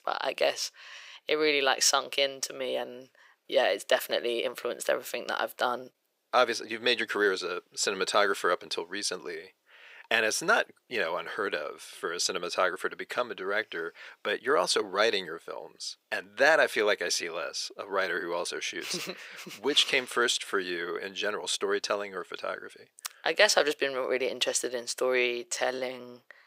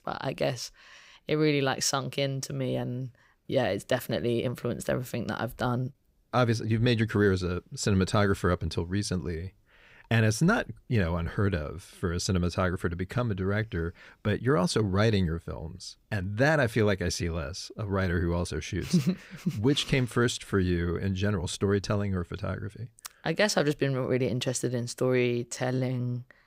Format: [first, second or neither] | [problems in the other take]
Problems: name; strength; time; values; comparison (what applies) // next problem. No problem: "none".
second | thin; very; fading below 450 Hz